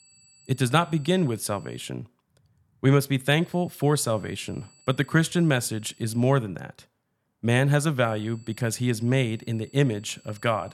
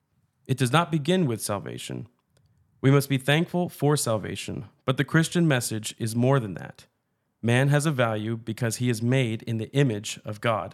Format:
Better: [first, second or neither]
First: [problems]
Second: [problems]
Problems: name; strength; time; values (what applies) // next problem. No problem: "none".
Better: second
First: high-pitched whine; faint; until 2 s, from 3.5 to 6.5 s and from 8 s on; 8 kHz, 30 dB below the speech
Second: none